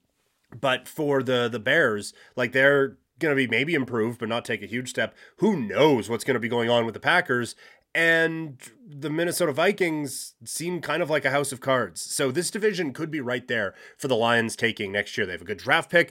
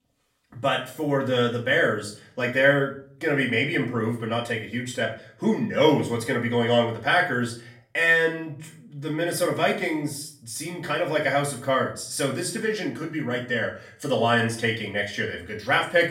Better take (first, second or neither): first